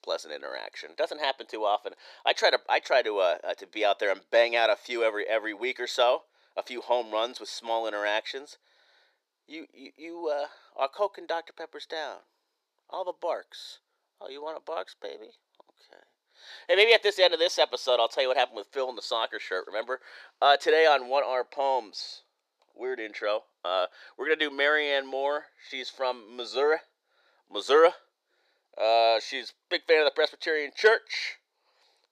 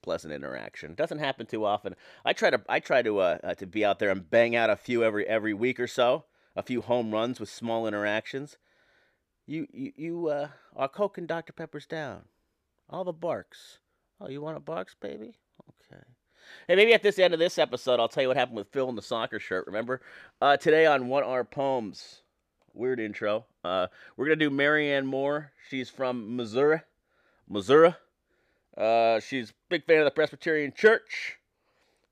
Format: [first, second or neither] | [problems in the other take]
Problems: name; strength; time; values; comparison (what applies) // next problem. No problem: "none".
second | thin; very; fading below 400 Hz